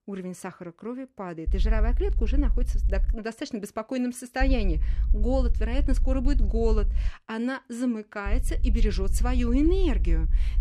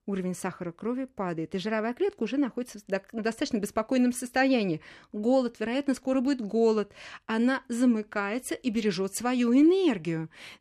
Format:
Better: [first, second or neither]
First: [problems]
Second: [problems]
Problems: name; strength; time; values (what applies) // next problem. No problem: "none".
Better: second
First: low rumble; noticeable; from 1.5 to 3 s, from 4.5 to 7 s and from 8.5 s on; 20 dB below the speech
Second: none